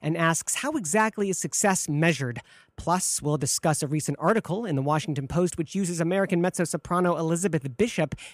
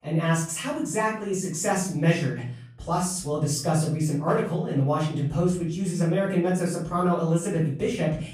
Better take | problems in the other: first | room echo; noticeable; dies away in 0.5 s // off-mic speech; far

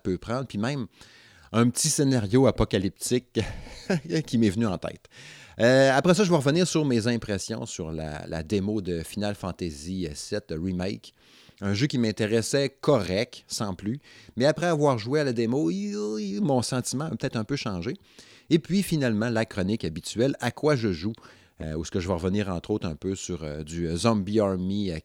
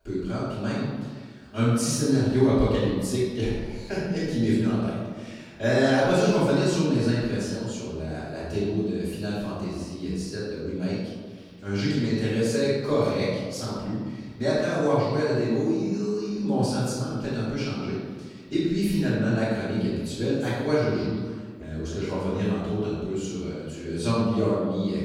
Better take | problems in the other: first | off-mic speech; far // room echo; strong; dies away in 1.3 s

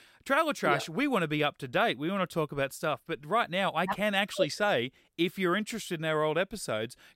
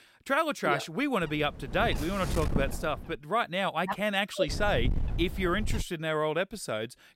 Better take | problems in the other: first | wind noise on the microphone; occasional gusts; from 1 to 3 s and from 4.5 to 6 s; 15 dB below the speech

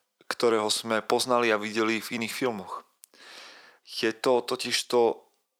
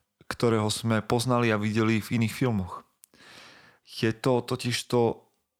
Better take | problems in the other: second | thin; somewhat; fading below 400 Hz

